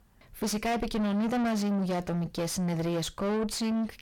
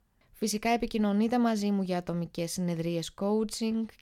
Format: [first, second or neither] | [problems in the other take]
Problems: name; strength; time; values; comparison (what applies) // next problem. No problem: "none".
second | distortion; heavy; 6 dB below the speech